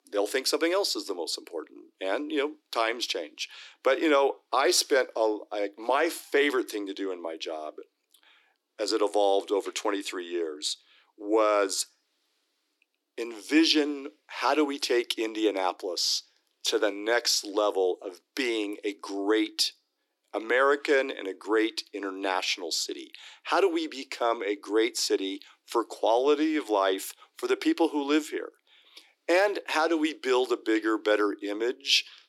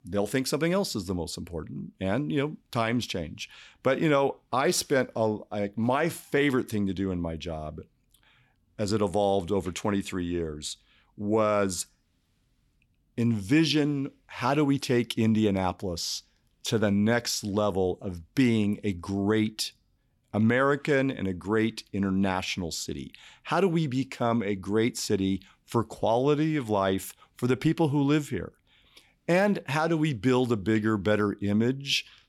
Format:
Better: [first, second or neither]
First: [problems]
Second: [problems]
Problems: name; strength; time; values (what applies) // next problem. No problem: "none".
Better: second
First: thin; somewhat; fading below 300 Hz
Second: none